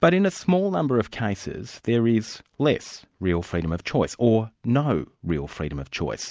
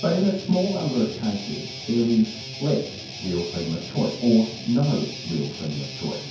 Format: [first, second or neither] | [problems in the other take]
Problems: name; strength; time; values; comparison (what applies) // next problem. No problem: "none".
first | background sound (Guitar); 12 dB below the speech // room echo; dies away in 0.6 s